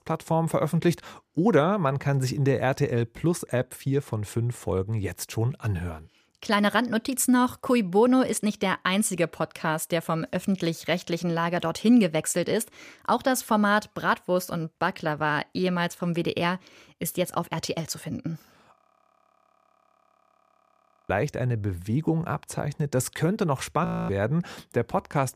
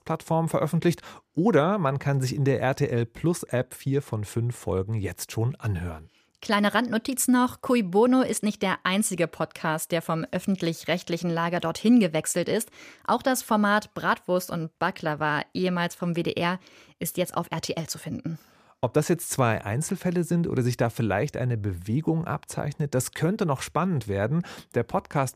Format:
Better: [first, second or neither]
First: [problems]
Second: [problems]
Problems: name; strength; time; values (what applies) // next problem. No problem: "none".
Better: second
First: audio freezing; at 19 s for 2.5 s and at 24 s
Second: none